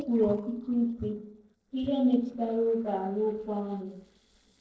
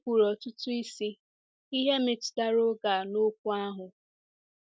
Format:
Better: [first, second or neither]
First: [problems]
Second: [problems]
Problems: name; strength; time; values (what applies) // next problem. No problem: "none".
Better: second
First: noise reduction (neural separator model SepFormer DNS4)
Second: none